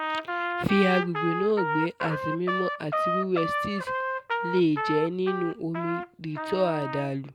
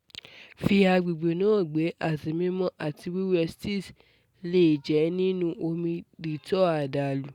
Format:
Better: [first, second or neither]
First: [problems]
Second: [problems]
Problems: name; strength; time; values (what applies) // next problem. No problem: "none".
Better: second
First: background sound (Trumpet); 3 dB below the speech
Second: none